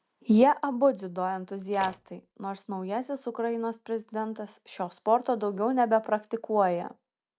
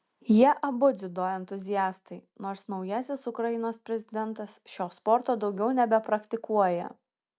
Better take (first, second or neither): second